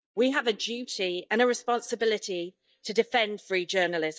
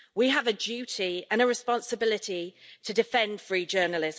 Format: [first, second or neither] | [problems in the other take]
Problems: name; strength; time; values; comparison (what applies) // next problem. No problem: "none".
second | noise reduction (neural mask model DeepFilterNet 3)